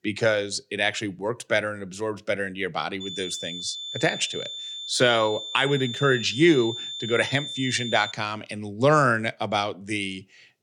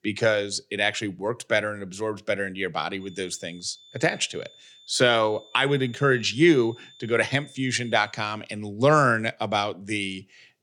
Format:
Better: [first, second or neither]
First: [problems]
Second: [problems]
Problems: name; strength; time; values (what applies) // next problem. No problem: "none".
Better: second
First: high-pitched whine; loud; from 3 to 8 s; 3.5 kHz, 7 dB below the speech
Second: high-pitched whine; faint; from 3 to 8 s; 3.5 kHz, 25 dB below the speech